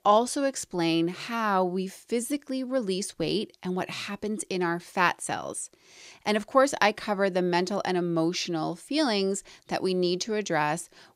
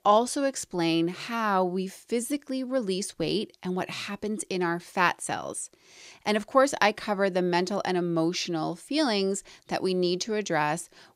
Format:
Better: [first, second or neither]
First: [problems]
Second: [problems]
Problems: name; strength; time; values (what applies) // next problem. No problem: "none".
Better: neither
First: none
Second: none